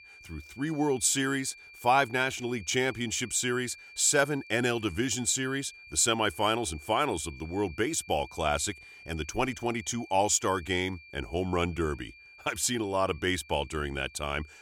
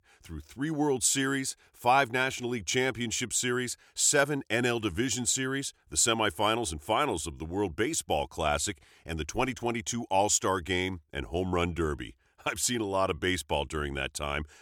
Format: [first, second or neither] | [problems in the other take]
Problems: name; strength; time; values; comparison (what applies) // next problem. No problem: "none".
second | high-pitched whine; noticeable; throughout; 2.5 kHz, 20 dB below the speech